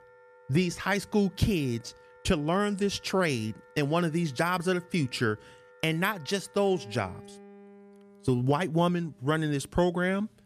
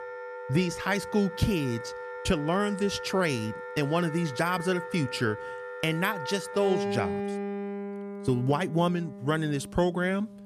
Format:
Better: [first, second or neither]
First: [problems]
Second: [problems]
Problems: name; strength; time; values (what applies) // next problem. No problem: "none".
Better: first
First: background music; faint; throughout; 25 dB below the speech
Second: background music; loud; throughout; 8 dB below the speech